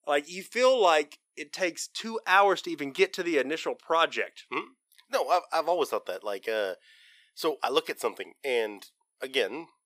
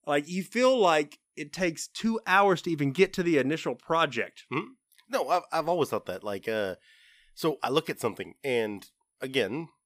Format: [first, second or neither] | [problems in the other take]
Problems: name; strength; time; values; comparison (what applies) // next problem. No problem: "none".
second | thin; somewhat; fading below 450 Hz